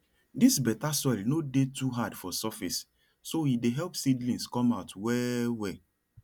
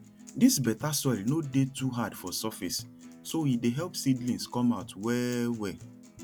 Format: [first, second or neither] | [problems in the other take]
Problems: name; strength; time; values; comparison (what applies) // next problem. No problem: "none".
first | background sound (Acoustic guitar); 19 dB below the speech